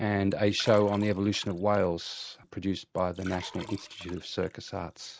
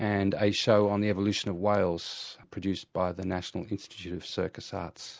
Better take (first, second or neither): second